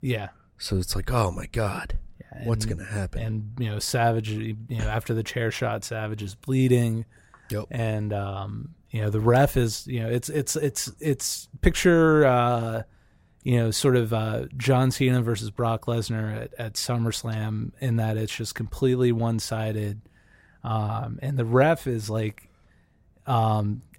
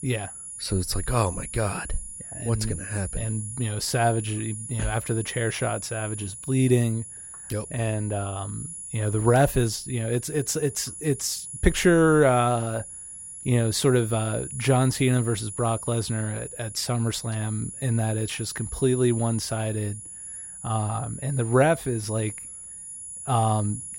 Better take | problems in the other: first | high-pitched whine; loud; throughout; 10.5 kHz, 10 dB below the speech

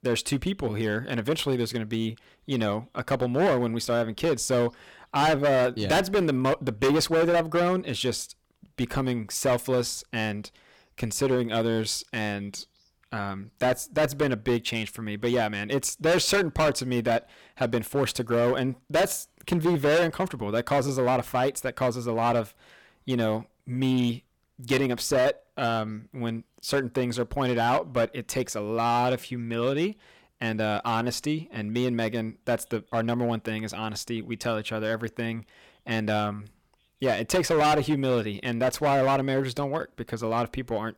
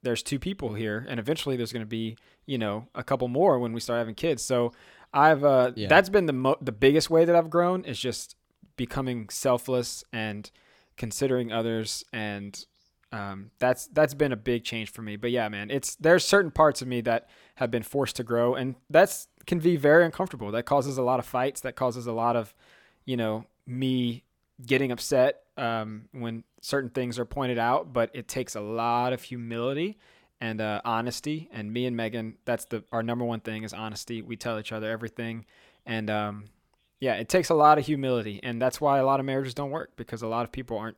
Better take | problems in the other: second | distortion; heavy; 8% of the sound clipped

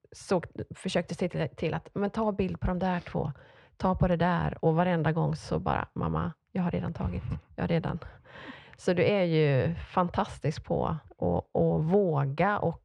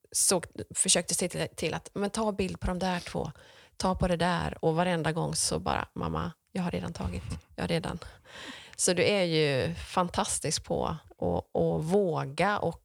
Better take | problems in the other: second | muffled; very; fading above 2 kHz

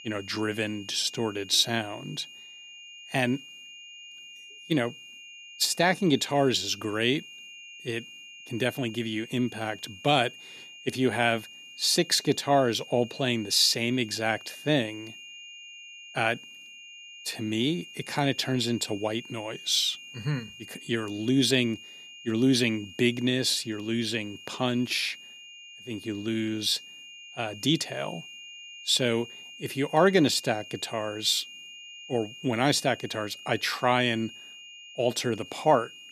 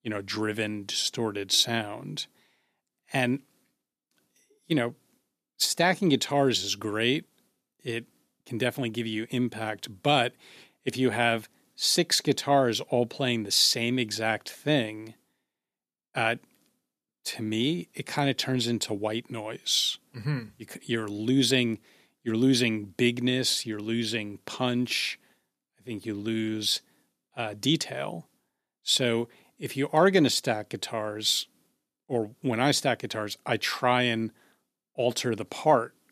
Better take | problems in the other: second | high-pitched whine; noticeable; throughout; 3 kHz, 15 dB below the speech

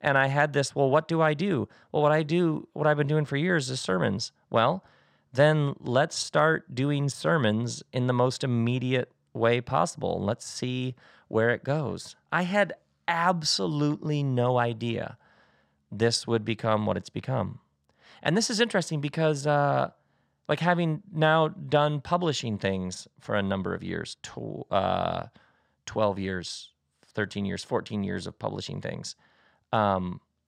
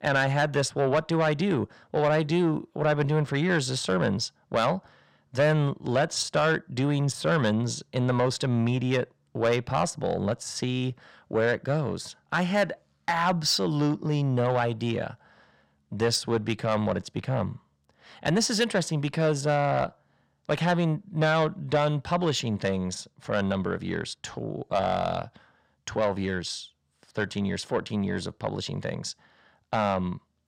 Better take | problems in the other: first | distortion; slight; 10 dB below the speech

